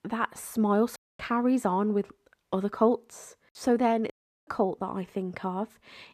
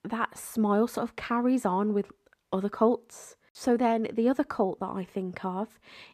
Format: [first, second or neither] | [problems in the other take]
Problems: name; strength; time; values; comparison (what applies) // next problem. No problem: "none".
second | audio cutting out; at 1 s and at 4 s